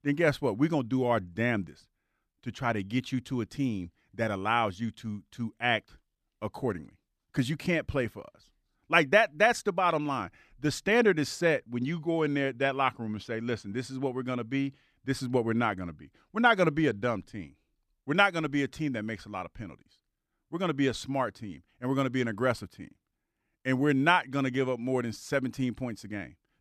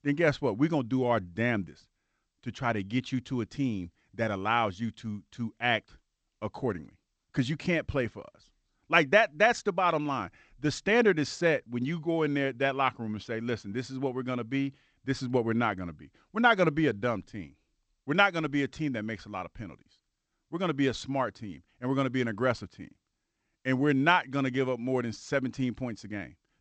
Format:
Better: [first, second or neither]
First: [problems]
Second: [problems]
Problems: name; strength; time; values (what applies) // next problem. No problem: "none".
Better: first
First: none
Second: garbled, watery; slightly; nothing above 8 kHz